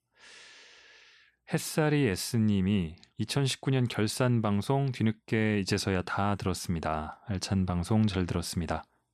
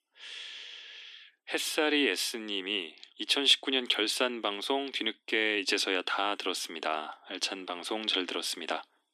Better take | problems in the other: first | thin; somewhat; fading below 250 Hz

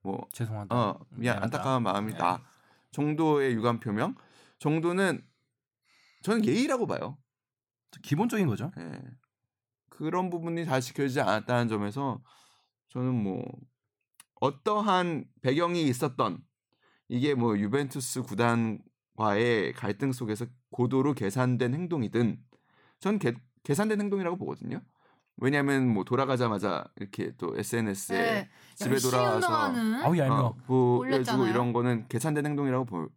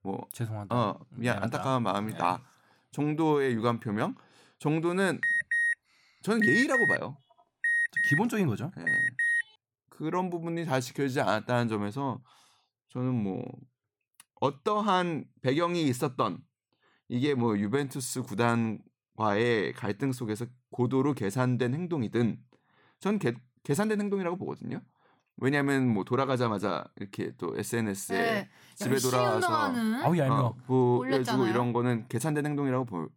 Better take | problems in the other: first | alarm; loud; from 5 to 9.5 s; peak 5 dB above the speech

